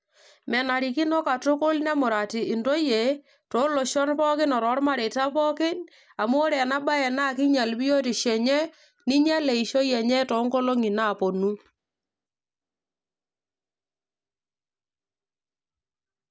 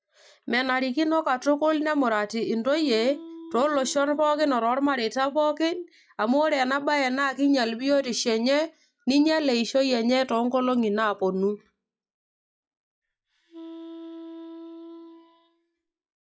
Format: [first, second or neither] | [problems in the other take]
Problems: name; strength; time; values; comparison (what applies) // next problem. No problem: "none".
first | noise reduction (classical method log-MMSE)